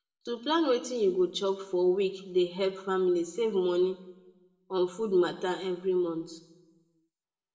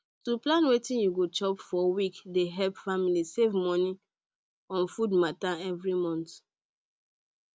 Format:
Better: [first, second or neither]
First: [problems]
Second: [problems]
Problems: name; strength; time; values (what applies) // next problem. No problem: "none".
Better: second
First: room echo; dies away in 0.7 s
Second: none